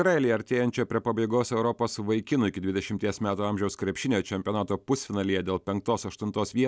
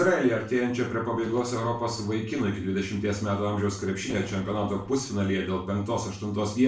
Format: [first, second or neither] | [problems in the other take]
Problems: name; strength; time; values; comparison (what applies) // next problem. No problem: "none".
first | noise reduction (neural separator model SepFormer DNS4)